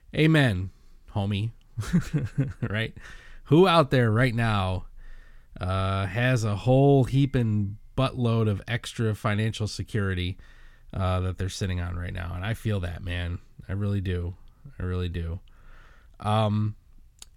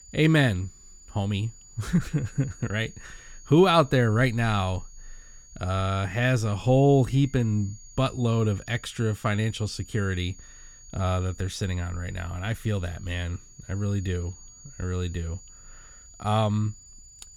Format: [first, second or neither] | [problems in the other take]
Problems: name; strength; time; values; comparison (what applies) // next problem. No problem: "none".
first | high-pitched whine; faint; throughout; 6.5 kHz, 20 dB below the speech